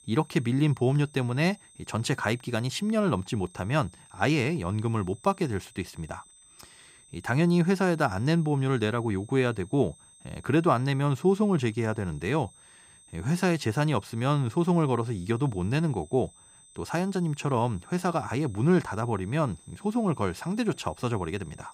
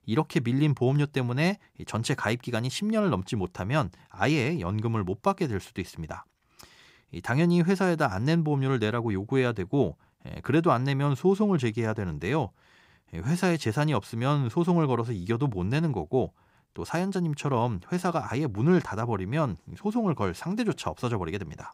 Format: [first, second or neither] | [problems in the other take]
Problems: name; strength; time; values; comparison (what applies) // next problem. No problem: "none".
second | high-pitched whine; faint; throughout; 8 kHz, 25 dB below the speech